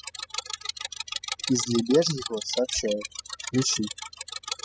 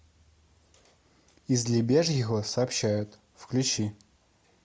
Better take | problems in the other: second | noise reduction (classical method spectral subtraction)

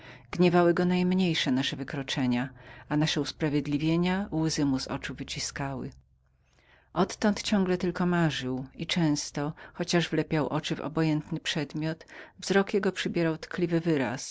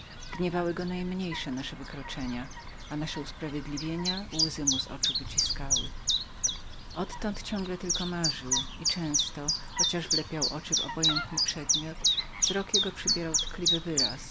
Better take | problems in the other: first | background sound (Chirp, tweet); 4 dB above the speech

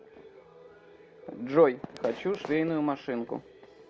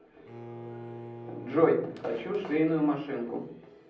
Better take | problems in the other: first | background sound (Bowed string instrument); 15 dB below the speech // room echo; dies away in 0.6 s

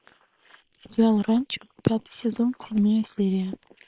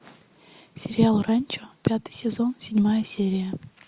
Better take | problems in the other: second | noise reduction (neural separator model SepFormer WHAM!)

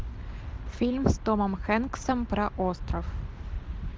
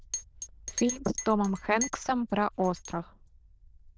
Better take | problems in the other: first | noise reduction (neural diffusion model UNIVERSE++)

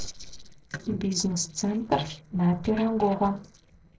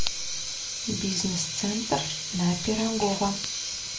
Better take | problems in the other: second | noise reduction (neural separator model SepFormer DNS4)

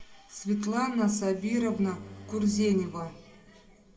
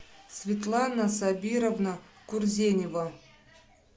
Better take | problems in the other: second | background sound (Bowed string instrument); 20 dB below the speech // room echo; dies away in 1.6 s

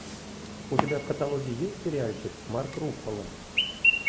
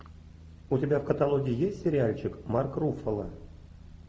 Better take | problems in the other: second | background sound (Chirp, tweet); 1 dB above the speech

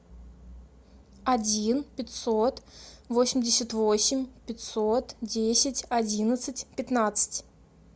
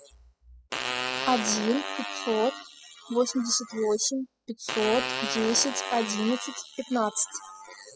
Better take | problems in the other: first | noise reduction (classical method spectral subtraction)

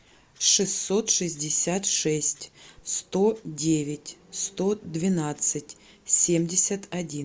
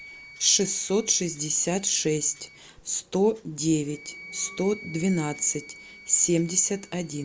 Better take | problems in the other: first | background sound (Wind instrument, woodwind instrument); 20 dB below the speech

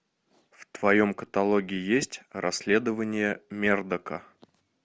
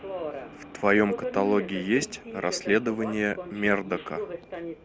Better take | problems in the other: first | background sound (Subway, metro, underground); 9 dB below the speech

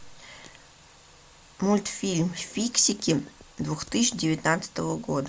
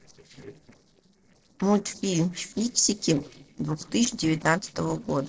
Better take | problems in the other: first | noise reduction (neural separator model SepFormer DNS4)

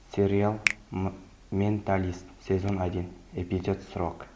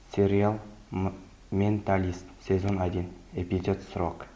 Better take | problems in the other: second | background sound (Finger snapping); 8 dB below the speech

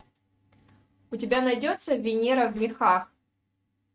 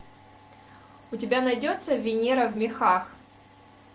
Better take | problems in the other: second | noise reduction (neural mask model RNNoise)

